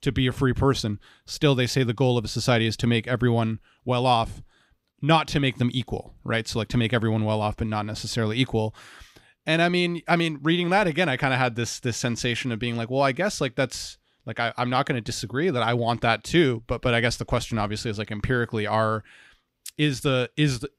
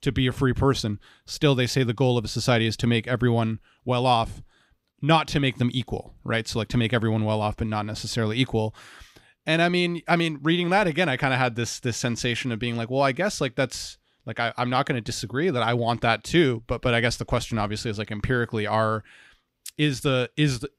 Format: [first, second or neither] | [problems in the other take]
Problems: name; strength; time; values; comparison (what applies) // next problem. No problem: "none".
neither | none